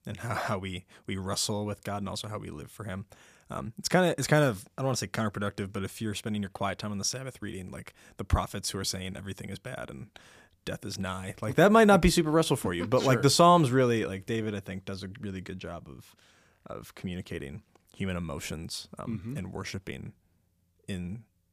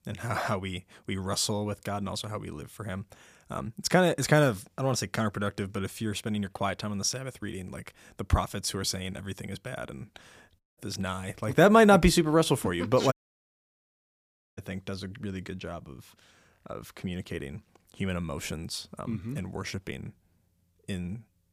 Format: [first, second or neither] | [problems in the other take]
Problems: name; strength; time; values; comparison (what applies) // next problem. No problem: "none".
first | audio cutting out; at 11 s and at 13 s for 1.5 s